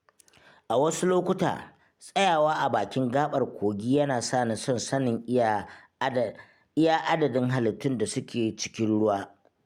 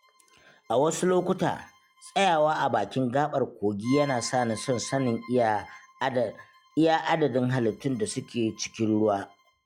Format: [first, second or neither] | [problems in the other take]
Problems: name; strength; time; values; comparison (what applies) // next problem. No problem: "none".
first | noise reduction (classical method log-MMSE)